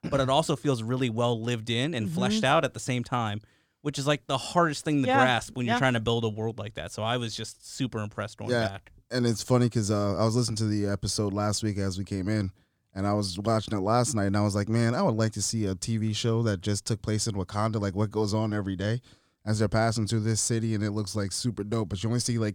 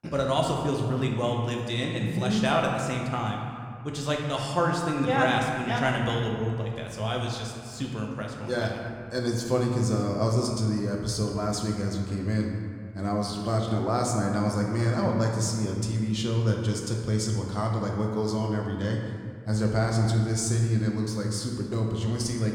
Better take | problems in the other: first | room echo; noticeable; dies away in 1.9 s // off-mic speech; somewhat distant

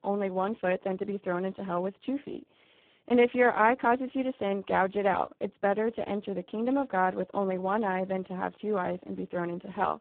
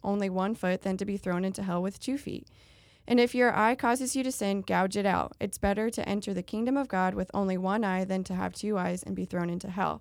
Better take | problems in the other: second | phone-call audio; poor line

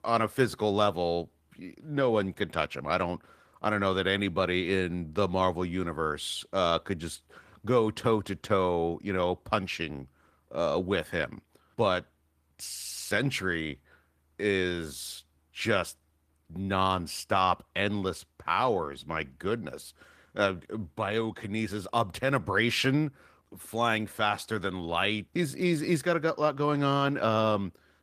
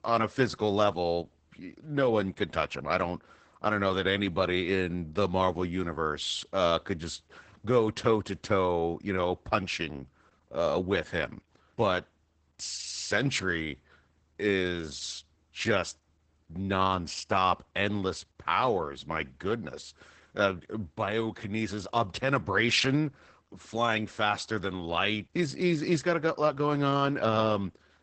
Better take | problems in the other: first | garbled, watery; badly; nothing above 8 kHz; slightly in the first

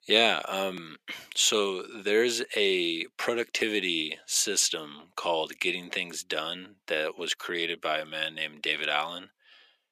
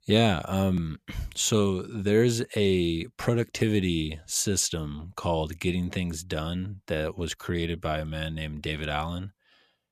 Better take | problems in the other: second | thin; very; fading below 350 Hz

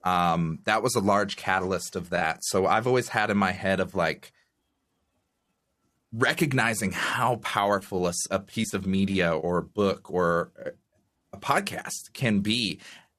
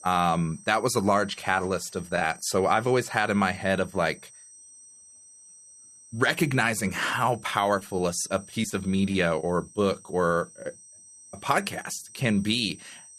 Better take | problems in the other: first | high-pitched whine; faint; throughout; 8.5 kHz, 20 dB below the speech

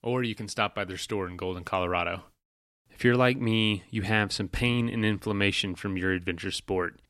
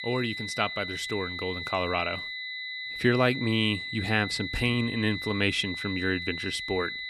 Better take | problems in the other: first | high-pitched whine; loud; throughout; 2 kHz, 5 dB below the speech

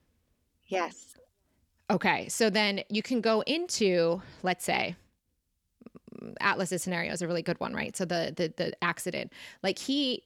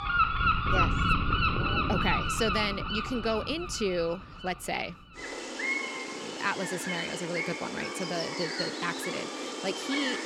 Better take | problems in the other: first | animal sounds; very loud; throughout; 3 dB above the speech

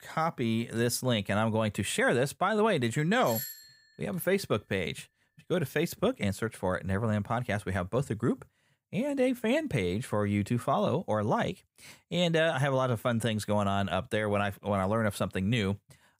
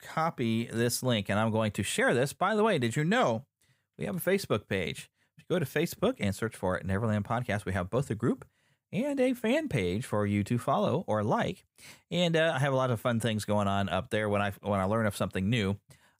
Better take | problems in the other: second | doorbell; noticeable; at 3.5 s; peak 6 dB below the speech

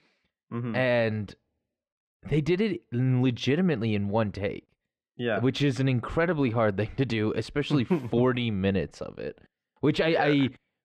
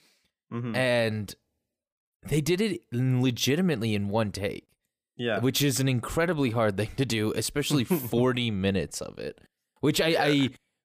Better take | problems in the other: second | muffled; slightly; fading above 3 kHz

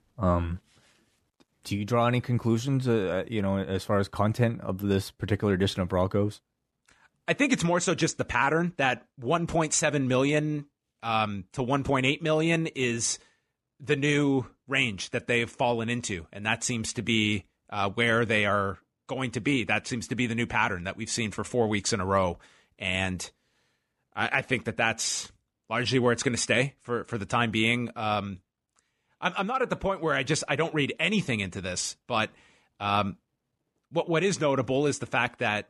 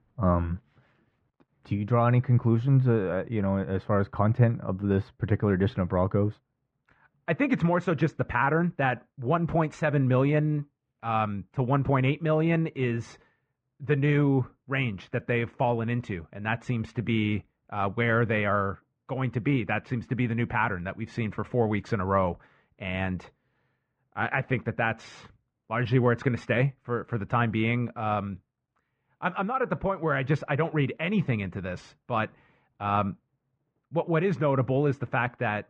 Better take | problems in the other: first | muffled; very; fading above 1.5 kHz

